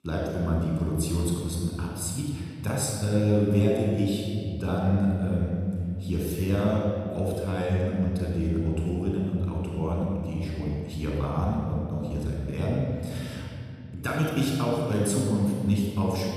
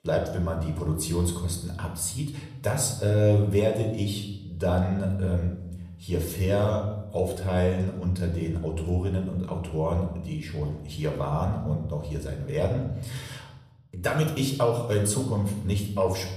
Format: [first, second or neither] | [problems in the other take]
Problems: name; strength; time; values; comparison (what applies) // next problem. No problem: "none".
second | room echo; strong; dies away in 2.7 s; slight in the second // off-mic speech; somewhat distant; somewhat distant in the second